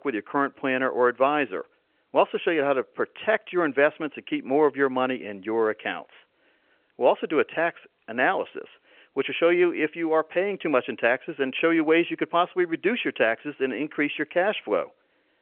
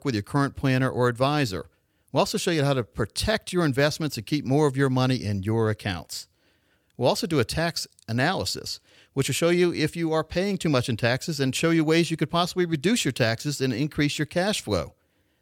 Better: second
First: phone-call audio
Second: none

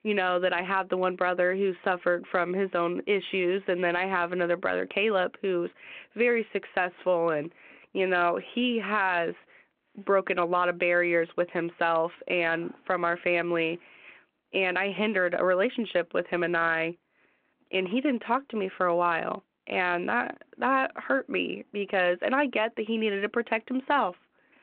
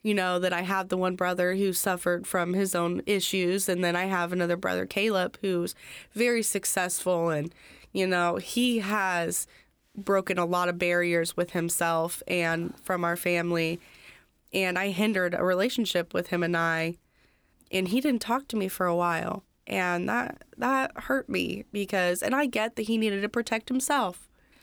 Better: second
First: phone-call audio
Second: none

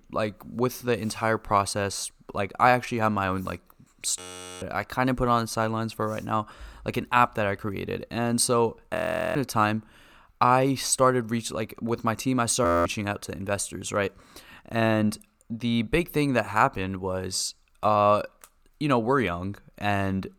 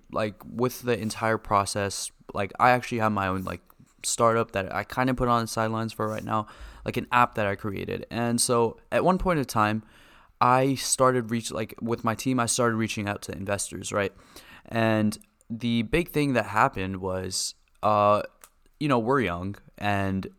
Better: second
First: audio freezing; at 4 s, at 9 s and at 13 s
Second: none

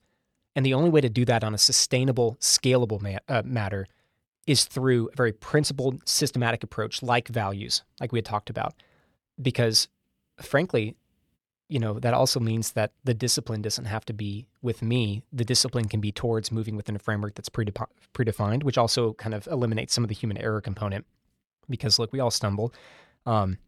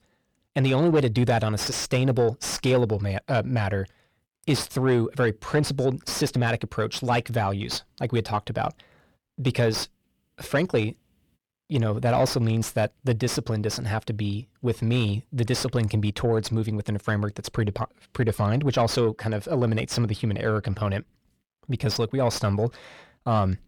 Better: first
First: none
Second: distortion; heavy; 7 dB below the speech

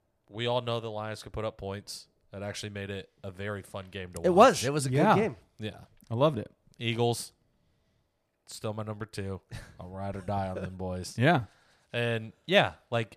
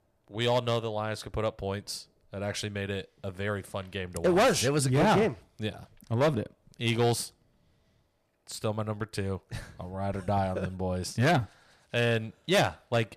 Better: first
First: none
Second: distortion; heavy; 4% of the sound clipped

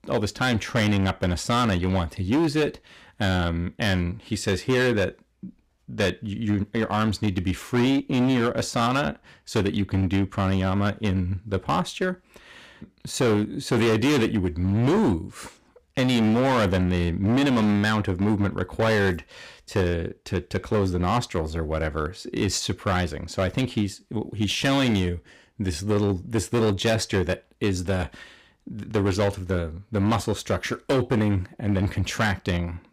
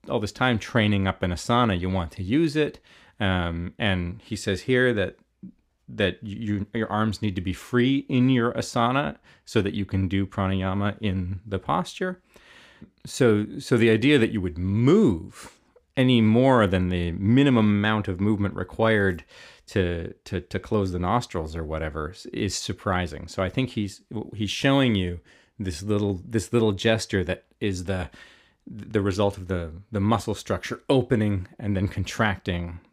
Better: second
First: distortion; heavy; 14% of the sound clipped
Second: none

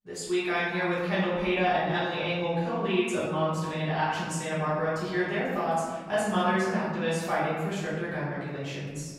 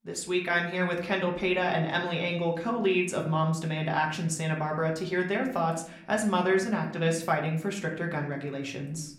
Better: second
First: room echo; strong; dies away in 1.4 s // off-mic speech; far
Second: room echo; slight; dies away in 0.5 s // off-mic speech; somewhat distant

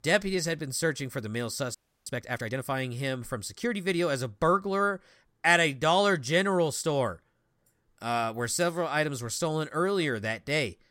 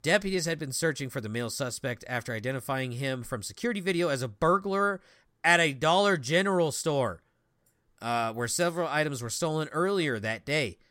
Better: second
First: audio freezing; at 2 s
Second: none

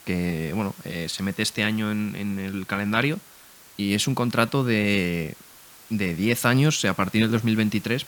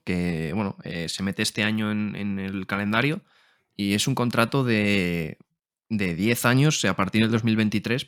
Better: second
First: hiss; faint; throughout; 20 dB below the speech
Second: none

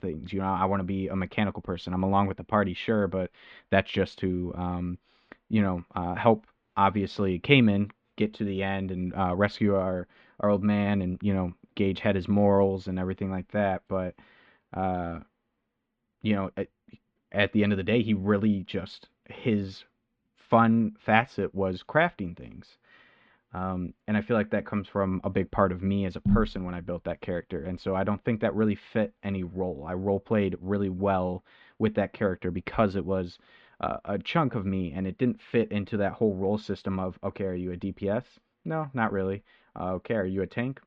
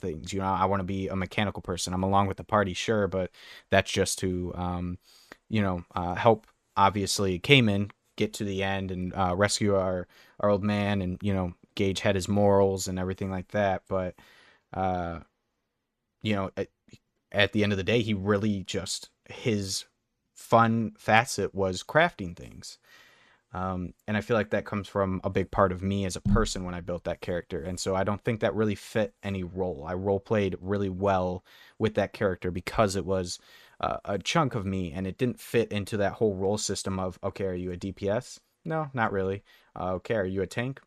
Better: second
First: muffled; very; fading above 3.5 kHz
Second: none

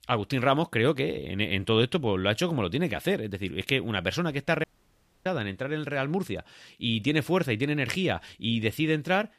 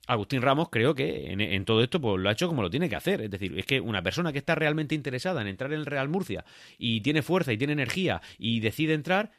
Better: second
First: audio cutting out; at 4.5 s for 0.5 s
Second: none

